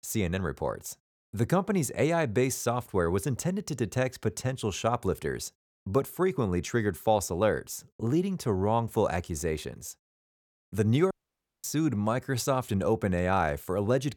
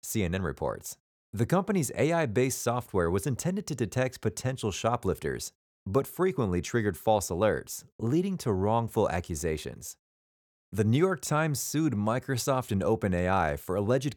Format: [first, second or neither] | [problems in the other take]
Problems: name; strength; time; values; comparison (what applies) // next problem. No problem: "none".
second | audio cutting out; at 11 s for 0.5 s